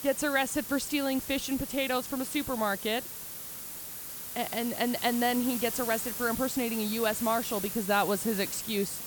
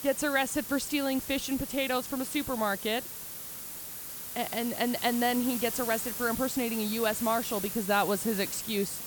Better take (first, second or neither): neither